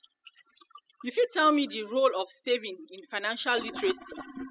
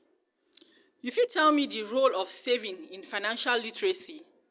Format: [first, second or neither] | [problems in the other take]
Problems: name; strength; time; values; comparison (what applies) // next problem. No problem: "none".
second | noise reduction (classical method spectral subtraction)